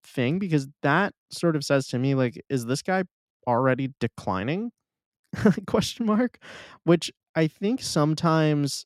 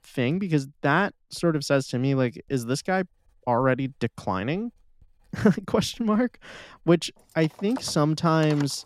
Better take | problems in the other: first | household noises; noticeable; throughout; 20 dB below the speech

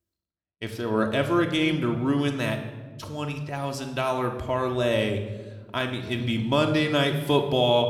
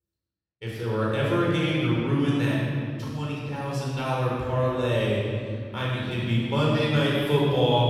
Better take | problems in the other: first | room echo; strong; dies away in 2.6 s; slight in the first // off-mic speech; far

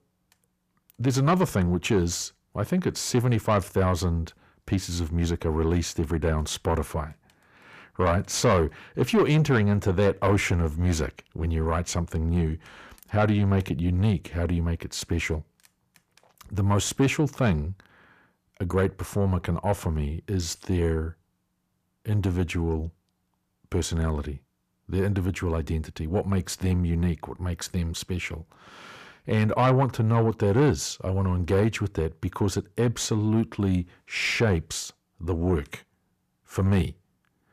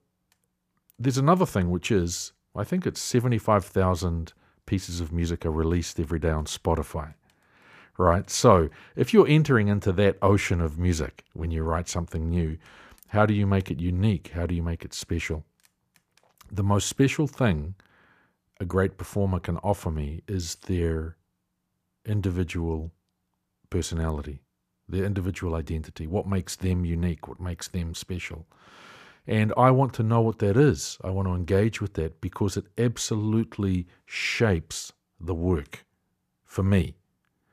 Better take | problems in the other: second | distortion; slight; 10 dB below the speech

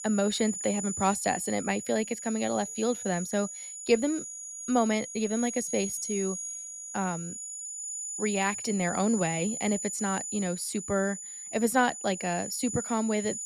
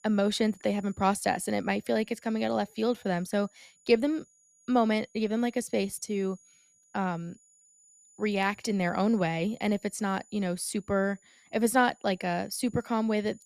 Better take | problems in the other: second | high-pitched whine; loud; throughout; 7 kHz, 6 dB below the speech; faint in the second

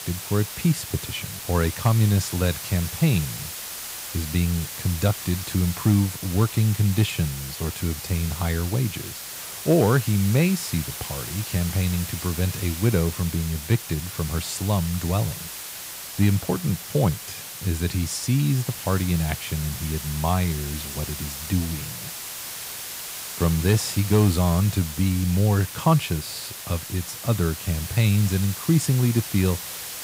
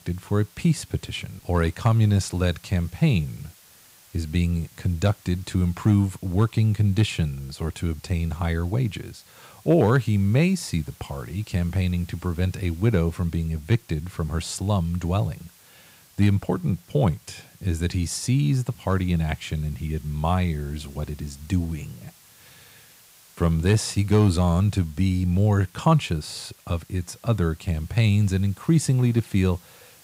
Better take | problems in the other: second | hiss; loud; throughout; 8 dB below the speech; faint in the second

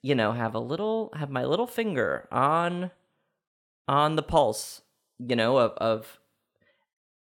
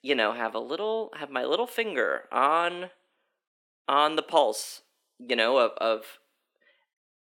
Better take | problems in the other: first | thin; somewhat; fading below 300 Hz

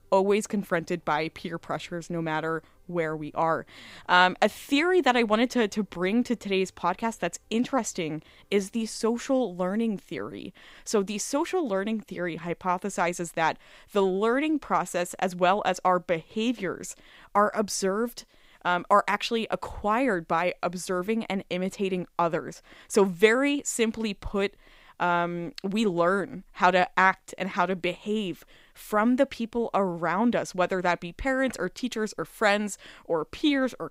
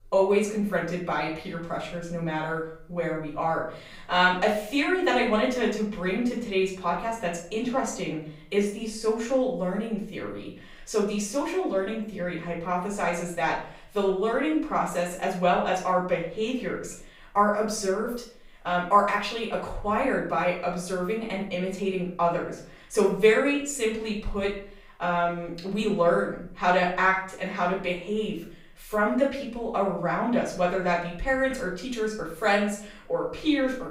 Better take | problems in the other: first | off-mic speech; far // room echo; noticeable; dies away in 0.5 s

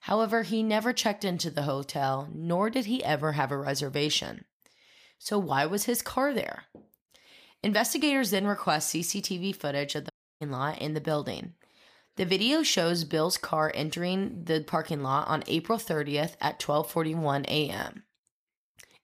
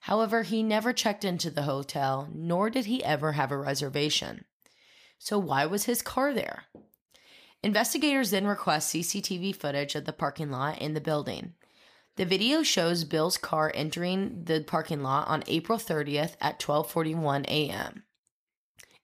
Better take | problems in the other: second | audio cutting out; at 10 s

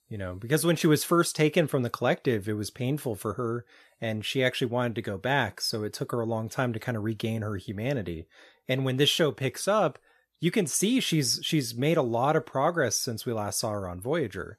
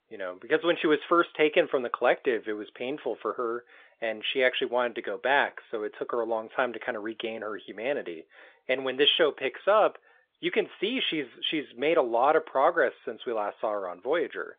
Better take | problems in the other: first | phone-call audio; nothing above 3.5 kHz

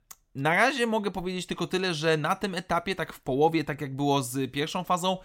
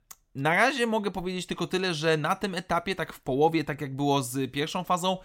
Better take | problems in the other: neither | none

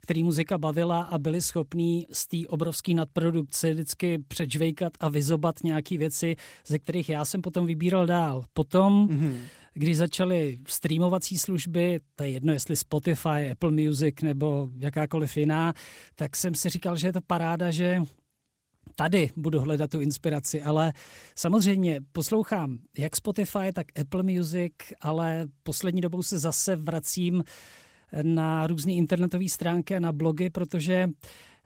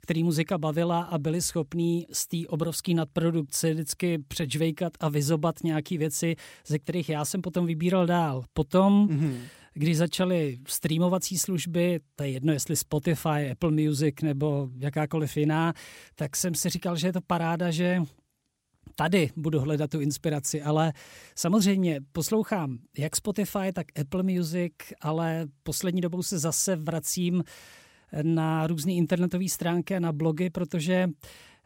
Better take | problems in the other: second | garbled, watery; slightly; nothing above 16 kHz

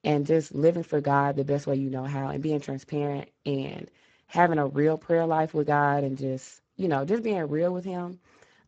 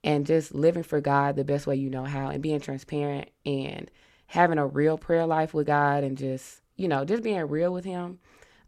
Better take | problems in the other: second | garbled, watery; badly; nothing above 7.5 kHz

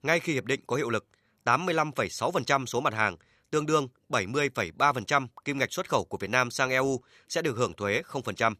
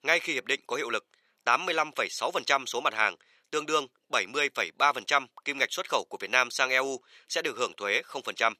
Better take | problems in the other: first | thin; somewhat; fading below 400 Hz

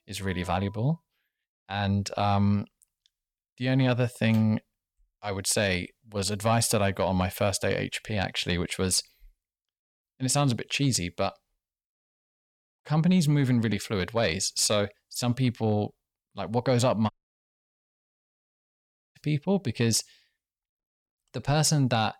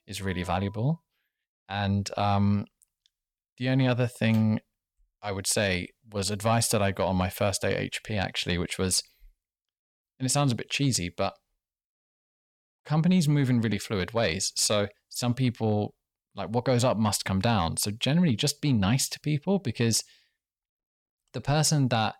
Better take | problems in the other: second | audio cutting out; at 17 s for 2 s

